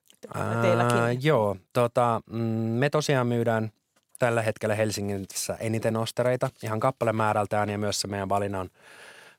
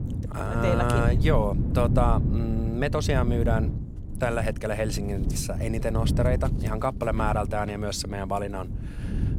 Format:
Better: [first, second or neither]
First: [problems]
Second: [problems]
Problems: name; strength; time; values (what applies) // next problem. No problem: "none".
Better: first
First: none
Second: wind noise on the microphone; occasional gusts; 10 dB below the speech